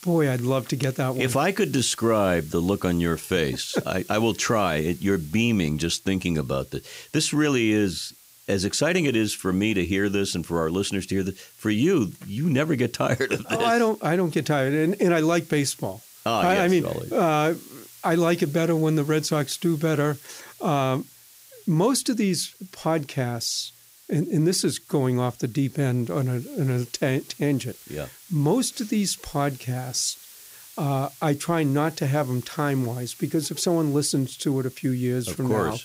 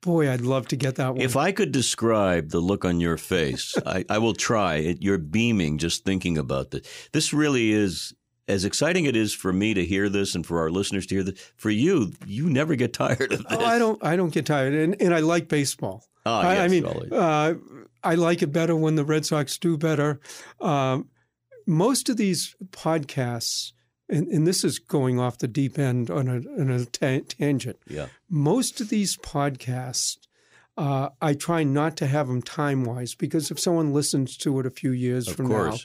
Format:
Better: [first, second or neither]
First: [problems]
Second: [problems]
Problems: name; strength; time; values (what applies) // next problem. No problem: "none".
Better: second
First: hiss; faint; throughout; 20 dB below the speech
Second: none